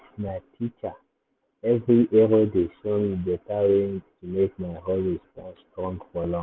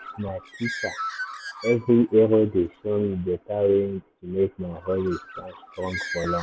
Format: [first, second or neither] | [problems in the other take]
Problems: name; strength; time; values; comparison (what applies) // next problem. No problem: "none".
first | background sound (Bird); 12 dB below the speech